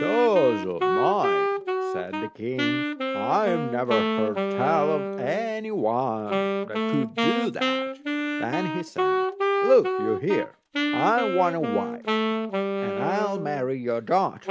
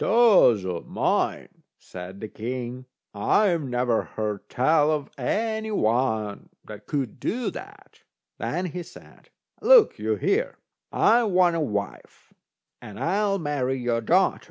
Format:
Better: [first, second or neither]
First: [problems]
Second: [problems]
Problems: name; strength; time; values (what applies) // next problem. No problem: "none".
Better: second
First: background sound (Wind instrument, woodwind instrument); 1 dB below the speech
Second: none